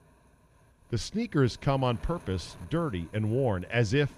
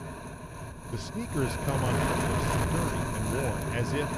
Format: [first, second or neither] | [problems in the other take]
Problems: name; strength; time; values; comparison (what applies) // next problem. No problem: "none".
first | wind noise on the microphone; heavy; 5 dB above the speech; occasional gusts in the first